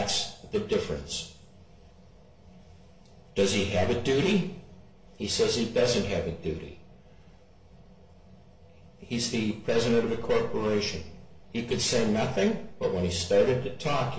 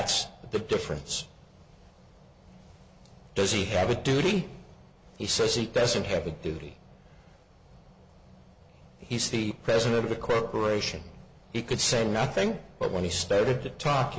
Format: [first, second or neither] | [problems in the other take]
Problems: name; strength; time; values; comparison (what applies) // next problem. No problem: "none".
second | room echo; dies away in 0.5 s